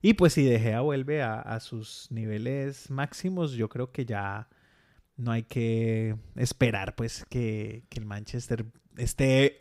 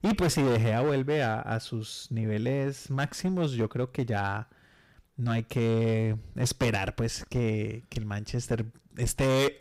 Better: first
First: none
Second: distortion; heavy; 12% of the sound clipped

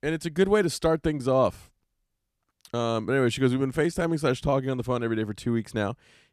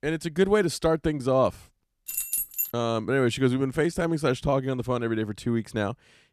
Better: first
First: none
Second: jangling keys; noticeable; at 2 s; peak level with the speech

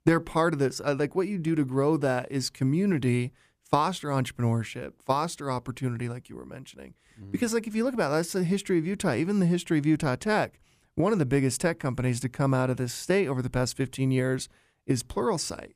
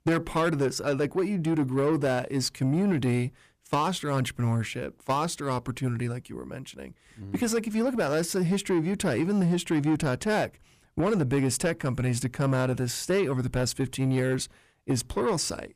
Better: first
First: none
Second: distortion; slight; 10 dB below the speech

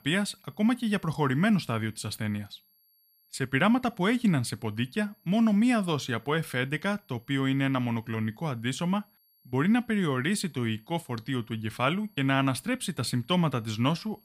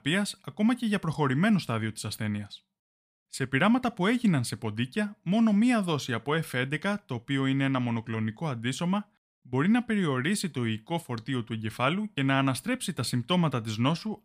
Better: second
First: high-pitched whine; faint; throughout; 11.5 kHz, 35 dB below the speech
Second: none

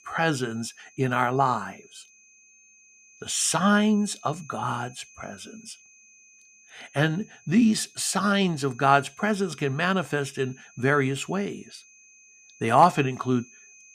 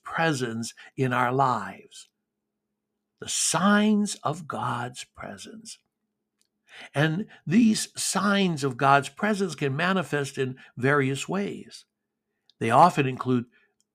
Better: second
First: high-pitched whine; faint; throughout; 2.5 kHz, 25 dB below the speech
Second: none

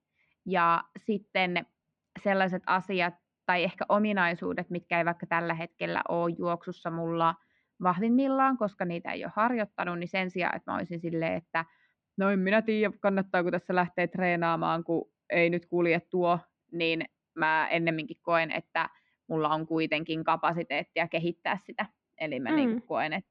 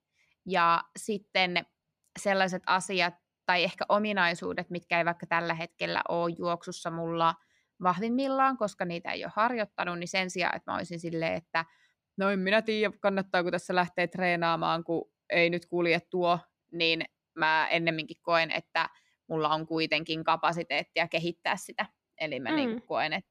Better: second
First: muffled; slightly; fading above 3 kHz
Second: none

